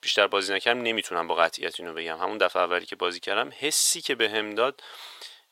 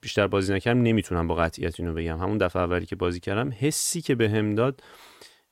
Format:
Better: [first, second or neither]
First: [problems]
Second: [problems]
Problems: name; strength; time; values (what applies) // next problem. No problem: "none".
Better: second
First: thin; very; fading below 700 Hz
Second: none